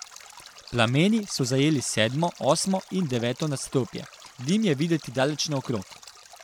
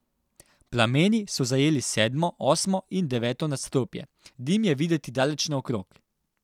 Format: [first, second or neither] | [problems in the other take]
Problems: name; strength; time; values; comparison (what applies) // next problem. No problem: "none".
second | background sound (Stream); 20 dB below the speech